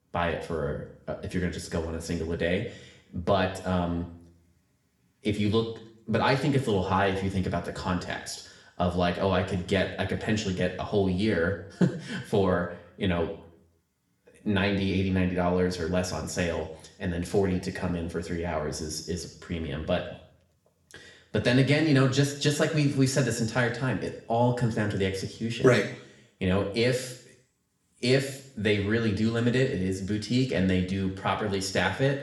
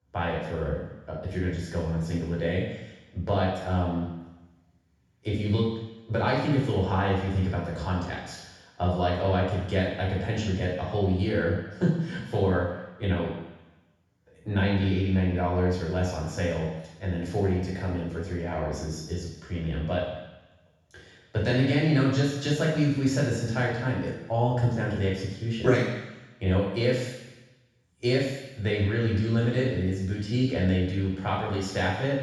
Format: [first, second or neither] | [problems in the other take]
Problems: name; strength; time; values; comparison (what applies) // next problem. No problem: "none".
first | room echo; strong; dies away in 1.1 s; slight in the first // off-mic speech; far; somewhat distant in the first